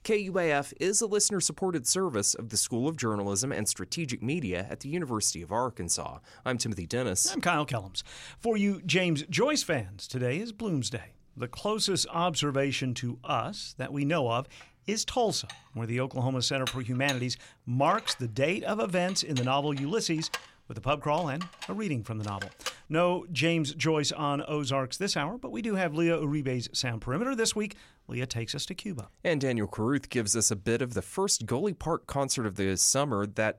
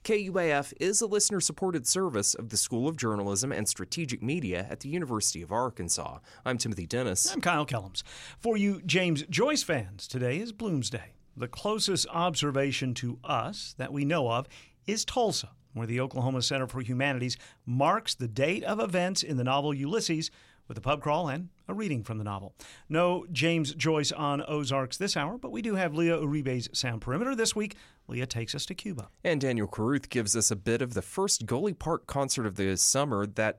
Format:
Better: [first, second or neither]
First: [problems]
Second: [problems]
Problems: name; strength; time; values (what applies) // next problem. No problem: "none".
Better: second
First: clattering dishes; noticeable; from 15 to 23 s; peak 8 dB below the speech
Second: none